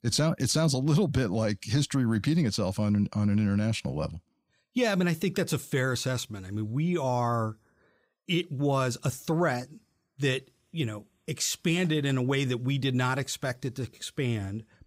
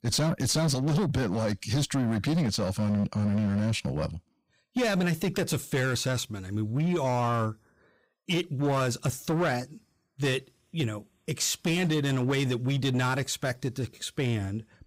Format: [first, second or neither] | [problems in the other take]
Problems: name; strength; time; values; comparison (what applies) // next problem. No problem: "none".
first | distortion; slight; 13% of the sound clipped